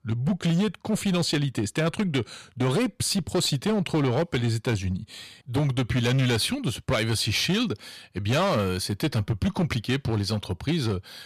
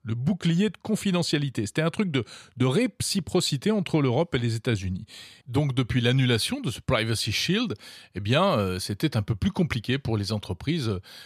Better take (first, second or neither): second